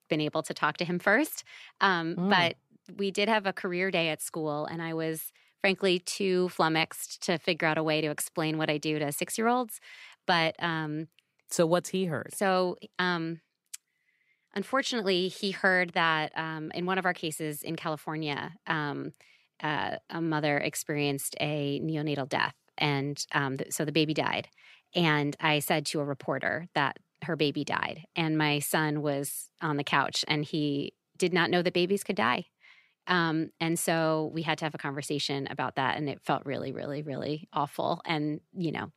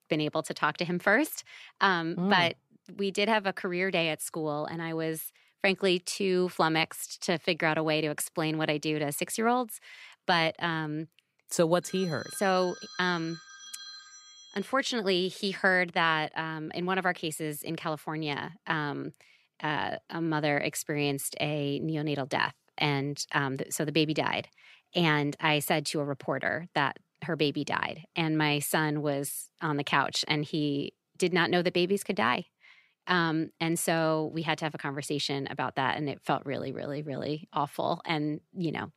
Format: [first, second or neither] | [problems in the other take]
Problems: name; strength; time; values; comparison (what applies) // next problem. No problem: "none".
first | phone ringing; faint; from 12 to 15 s; peak 15 dB below the speech